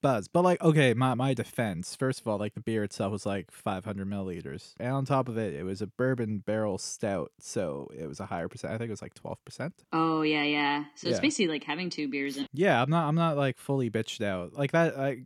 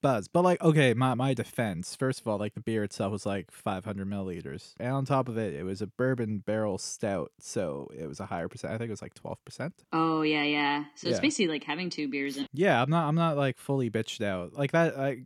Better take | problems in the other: neither | none

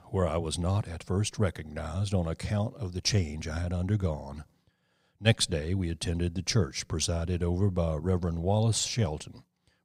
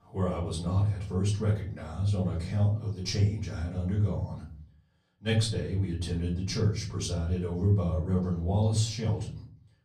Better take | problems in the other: first | off-mic speech; far // room echo; slight; dies away in 0.6 s

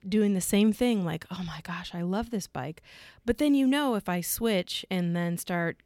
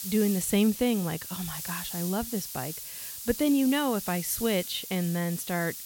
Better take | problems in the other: first | hiss; loud; throughout; 7 dB below the speech

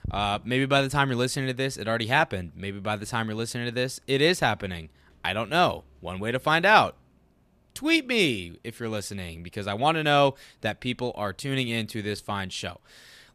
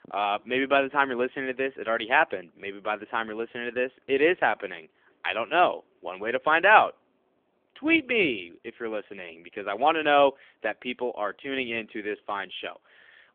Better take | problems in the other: first | phone-call audio; nothing above 3.5 kHz

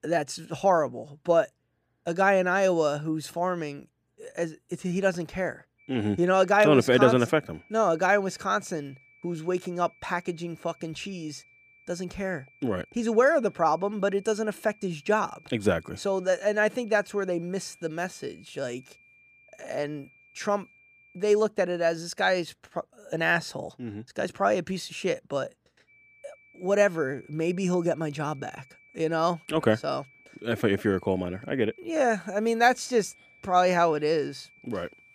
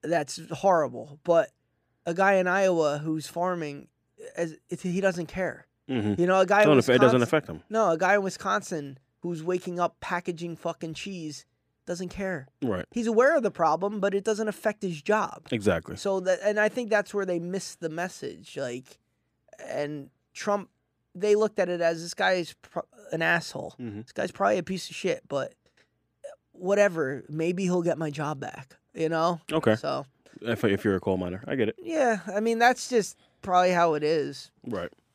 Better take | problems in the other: second | high-pitched whine; faint; from 6 to 21 s and from 26 s on; 2.5 kHz, 30 dB below the speech

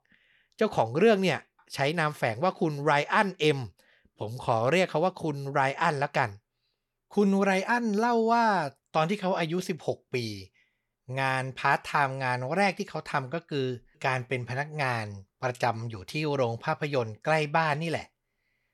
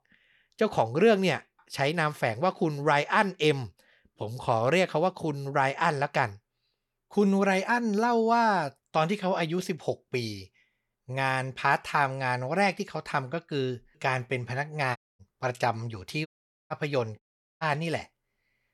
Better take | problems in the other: first | audio cutting out; at 15 s, at 16 s and at 17 s

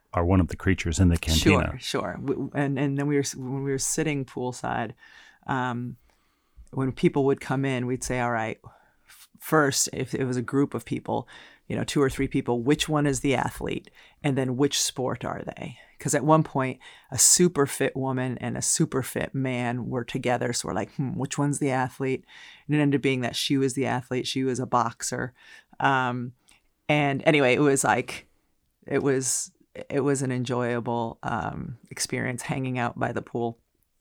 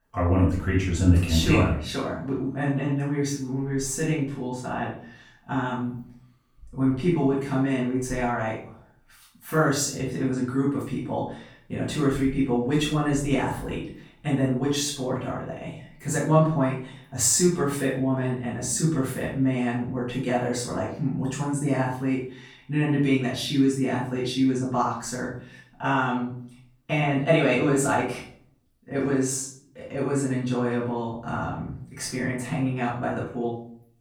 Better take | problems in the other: first | room echo; noticeable; dies away in 0.4 s // off-mic speech; far

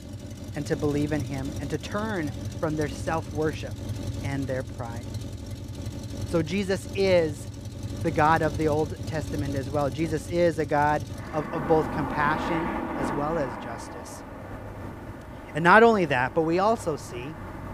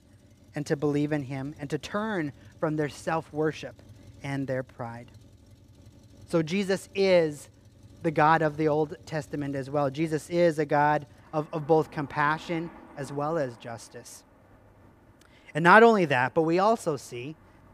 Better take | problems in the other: second | traffic noise; loud; throughout; 9 dB below the speech; faint in the second

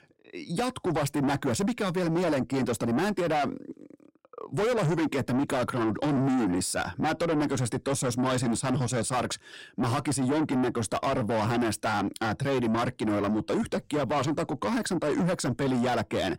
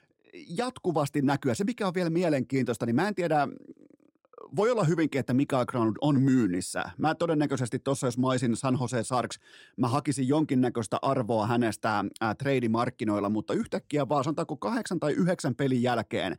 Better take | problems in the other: second | distortion; heavy; 7 dB below the speech

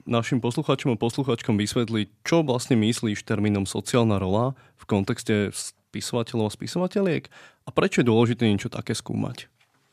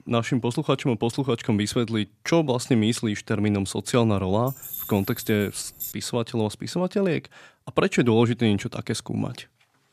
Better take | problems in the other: first | jangling keys; noticeable; from 4.5 to 6 s; peak 8 dB below the speech

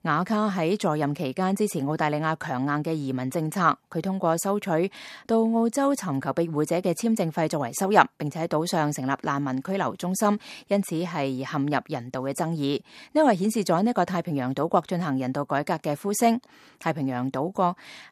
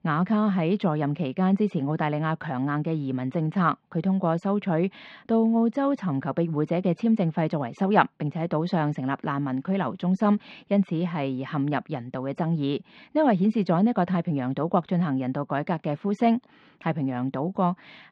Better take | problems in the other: first | muffled; slightly; fading above 3.5 kHz

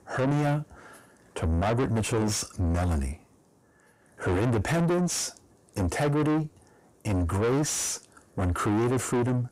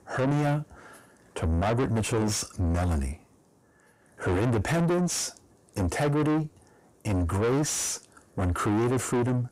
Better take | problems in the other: neither | distortion; heavy; 5 dB below the speech; the same in both

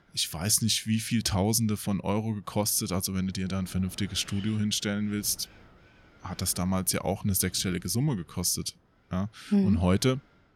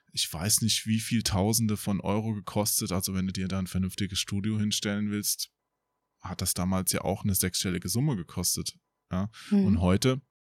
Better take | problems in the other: second | wind noise on the microphone; occasional gusts; 25 dB below the speech

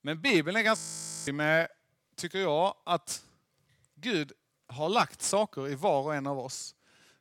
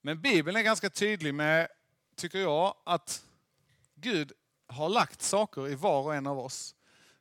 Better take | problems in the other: second | audio freezing; at 1 s for 0.5 s

